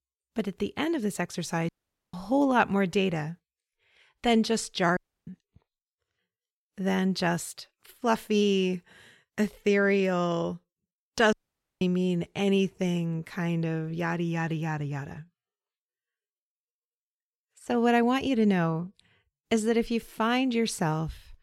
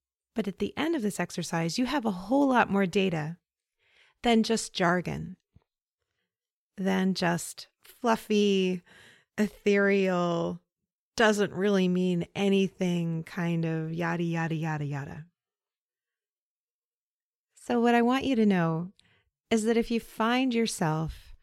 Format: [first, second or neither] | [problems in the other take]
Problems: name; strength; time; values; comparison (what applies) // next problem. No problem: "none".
second | audio cutting out; at 1.5 s, at 5 s and at 11 s